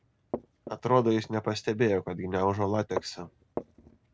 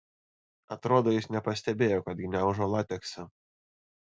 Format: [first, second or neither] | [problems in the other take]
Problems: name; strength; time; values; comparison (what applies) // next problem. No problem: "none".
second | background sound (Walk, footsteps); 13 dB below the speech